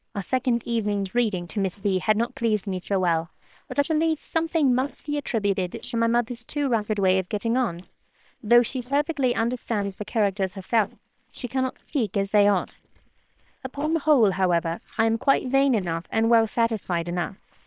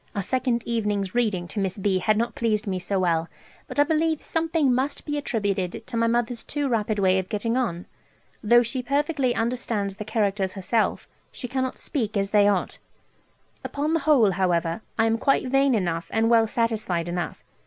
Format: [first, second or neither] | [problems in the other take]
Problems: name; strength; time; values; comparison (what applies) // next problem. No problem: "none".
second | noise reduction (neural separator model SepFormer WHAM!)